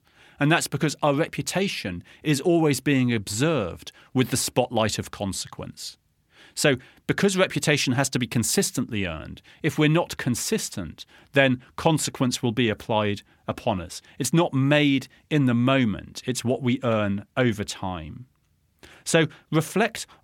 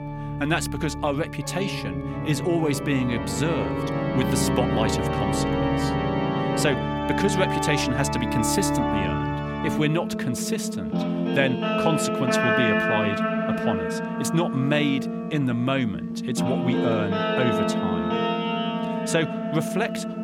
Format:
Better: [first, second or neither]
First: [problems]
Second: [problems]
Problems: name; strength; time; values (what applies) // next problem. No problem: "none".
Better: first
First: none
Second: background music; very loud; throughout; 1 dB above the speech